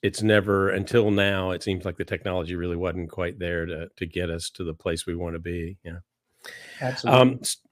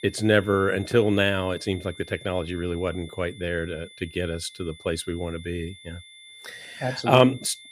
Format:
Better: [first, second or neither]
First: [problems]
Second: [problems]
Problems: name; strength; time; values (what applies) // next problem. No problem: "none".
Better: first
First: none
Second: high-pitched whine; noticeable; throughout; 3.5 kHz, 20 dB below the speech